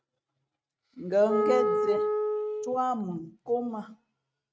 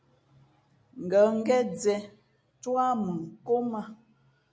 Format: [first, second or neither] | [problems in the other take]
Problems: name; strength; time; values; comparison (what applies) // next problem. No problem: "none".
second | noise reduction (neural mask model RNNoise)